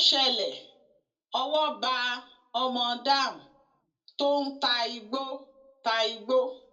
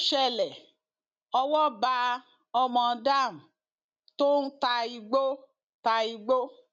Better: second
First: room echo; dies away in 0.2 s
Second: none

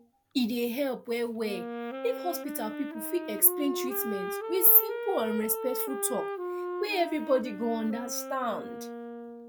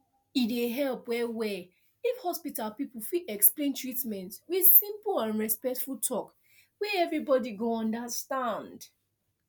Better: second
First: background sound (Wind instrument, woodwind instrument); 7 dB below the speech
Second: none

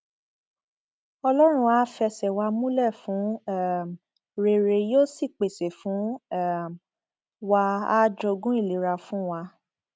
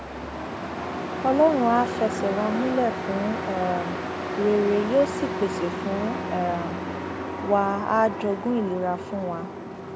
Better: first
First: none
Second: background sound (Truck); 5 dB below the speech

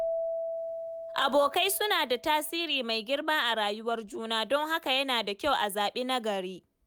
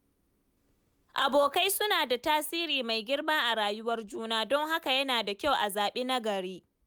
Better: second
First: background sound (Keyboard (musical)); 11 dB below the speech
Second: none

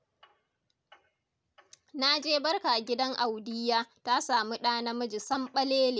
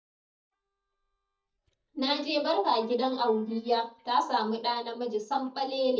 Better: first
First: none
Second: noise reduction (neural mask model DeepFilterNet 3)

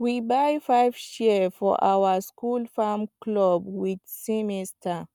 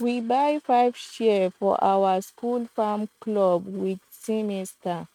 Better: first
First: none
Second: noise reduction (neural mask model RNNoise)

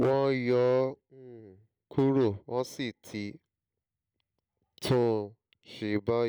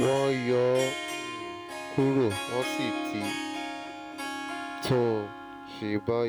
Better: first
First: none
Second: background sound (Harp); 6 dB below the speech

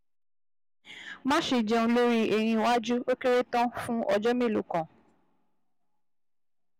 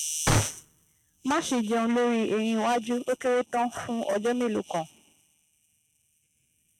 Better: first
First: none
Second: noise reduction (neural mask model RNNoise)

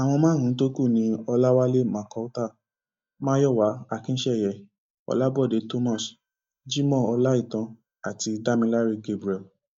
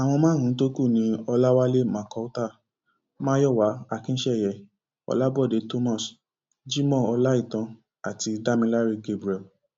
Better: second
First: noise reduction (neural mask model DeepFilterNet 3)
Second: none

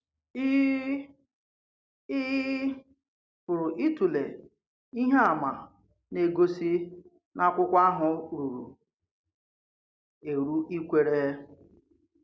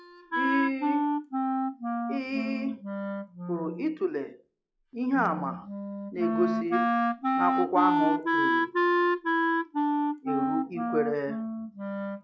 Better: first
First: none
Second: noise reduction (classical method log-MMSE)

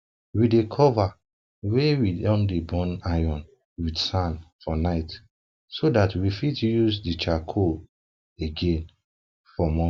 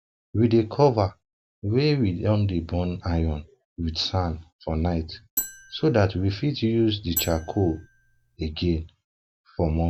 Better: first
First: none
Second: background sound (Marimba, xylophone); 11 dB below the speech

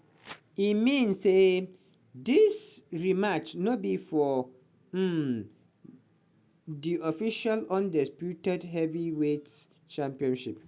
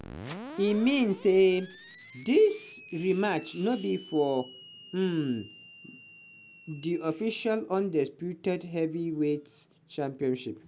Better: first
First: none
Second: background sound (Screech); 20 dB below the speech

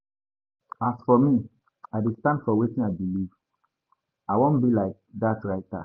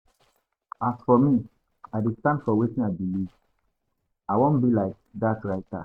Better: first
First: none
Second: noise reduction (neural mask model RNNoise)

